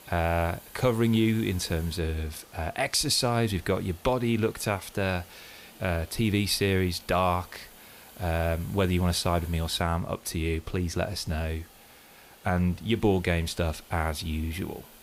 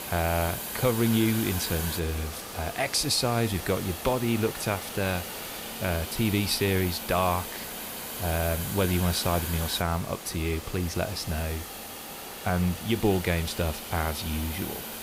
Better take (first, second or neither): first